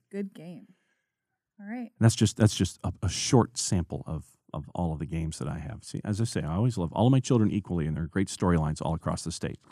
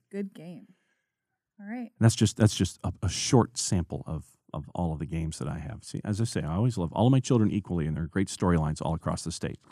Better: neither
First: none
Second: none

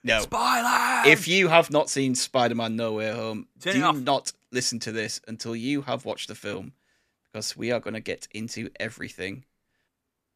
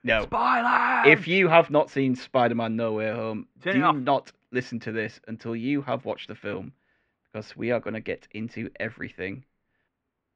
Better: first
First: none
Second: muffled; very; fading above 2.5 kHz

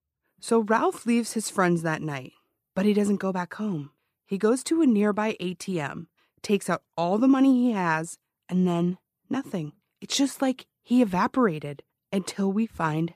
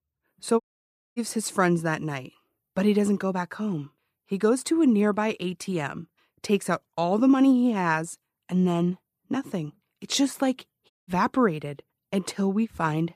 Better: first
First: none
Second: audio cutting out; at 0.5 s for 0.5 s and at 11 s

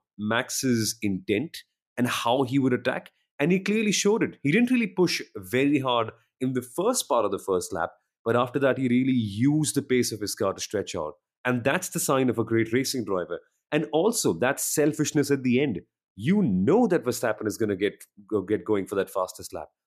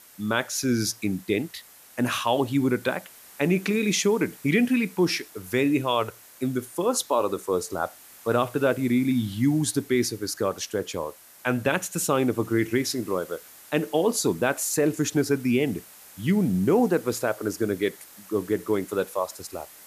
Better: first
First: none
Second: hiss; faint; throughout; 20 dB below the speech

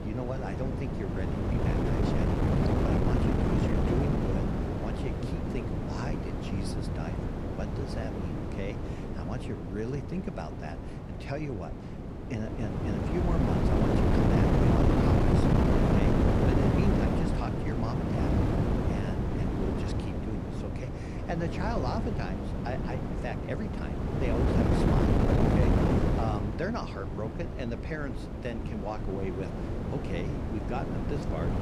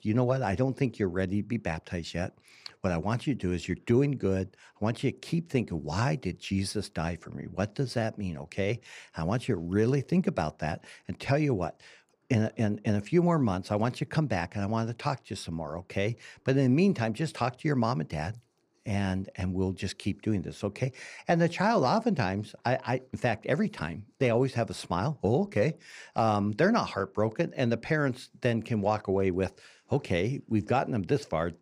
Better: second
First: wind noise on the microphone; heavy; 5 dB above the speech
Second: none

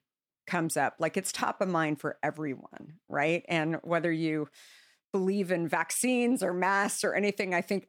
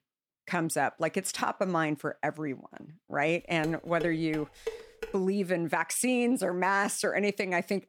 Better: first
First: none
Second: clattering dishes; faint; from 3.5 to 5 s; peak 10 dB below the speech

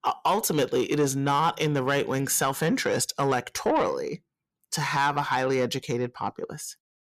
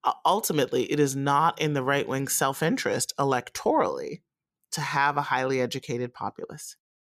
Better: second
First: distortion; slight; 10 dB below the speech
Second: none

